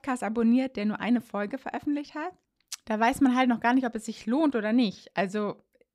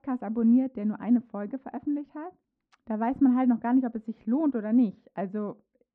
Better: first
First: none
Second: muffled; very; fading above 1 kHz

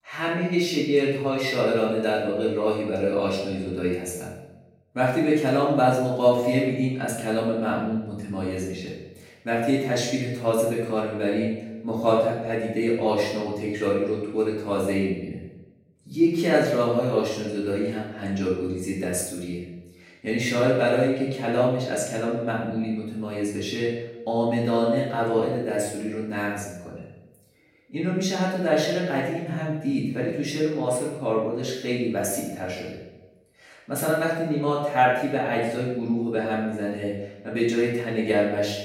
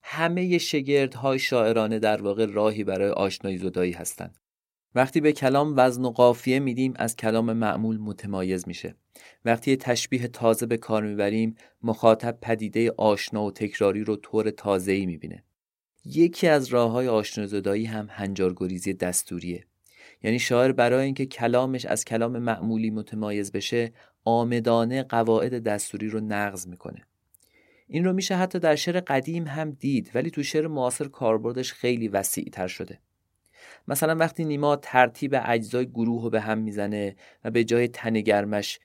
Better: second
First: off-mic speech; far // room echo; noticeable; dies away in 0.8 s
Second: none

